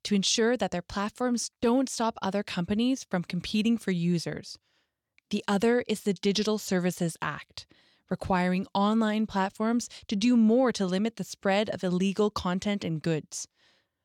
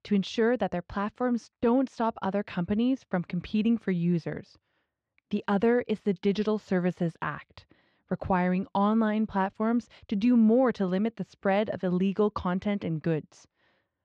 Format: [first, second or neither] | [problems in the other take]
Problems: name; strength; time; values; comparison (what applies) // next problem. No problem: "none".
first | muffled; very; fading above 2 kHz